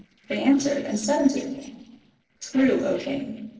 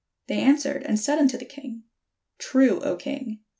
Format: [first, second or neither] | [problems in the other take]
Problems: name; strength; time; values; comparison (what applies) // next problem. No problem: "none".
second | noise reduction (neural separator model SepFormer DNS4)